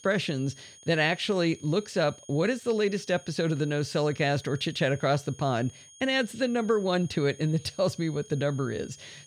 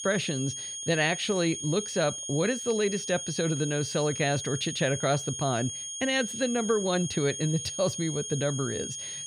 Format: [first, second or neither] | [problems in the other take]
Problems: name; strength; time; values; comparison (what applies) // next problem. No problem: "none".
first | high-pitched whine; loud; throughout; 6.5 kHz, 5 dB below the speech; faint in the first